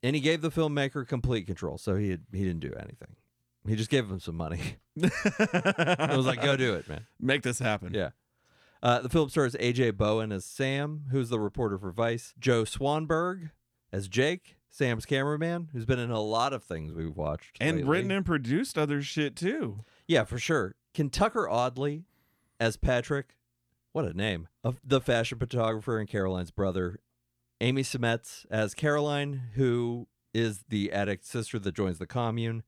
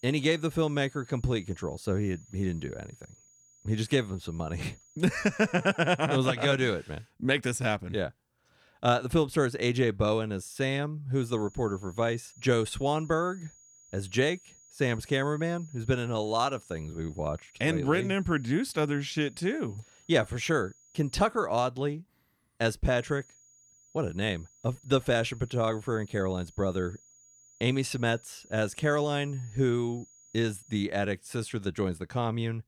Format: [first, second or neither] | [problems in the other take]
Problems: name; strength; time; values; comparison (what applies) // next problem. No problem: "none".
first | high-pitched whine; faint; until 6 s, from 11 to 21 s and from 23 to 31 s; 6.5 kHz, 25 dB below the speech